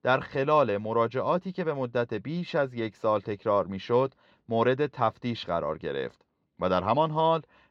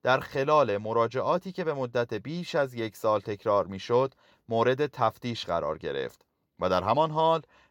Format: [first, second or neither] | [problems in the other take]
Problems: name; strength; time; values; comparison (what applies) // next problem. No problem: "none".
second | muffled; very slightly; fading above 3 kHz